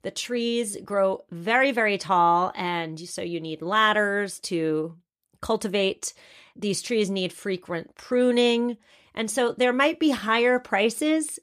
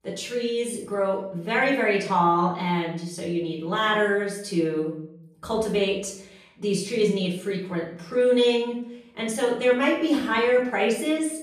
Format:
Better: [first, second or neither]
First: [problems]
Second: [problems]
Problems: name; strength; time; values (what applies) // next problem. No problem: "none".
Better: first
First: none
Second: off-mic speech; far // room echo; noticeable; dies away in 0.7 s